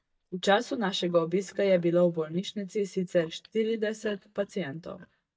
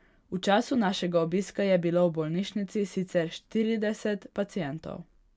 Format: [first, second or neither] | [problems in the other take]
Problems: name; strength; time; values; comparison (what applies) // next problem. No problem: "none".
second | noise reduction (neural mask model DeepFilterNet 3)